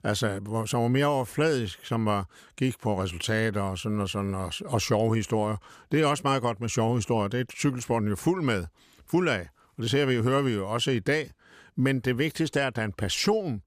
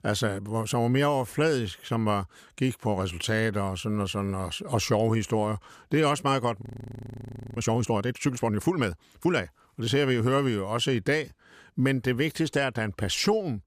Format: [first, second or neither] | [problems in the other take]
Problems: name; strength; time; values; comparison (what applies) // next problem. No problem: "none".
first | audio freezing; at 6.5 s for 1 s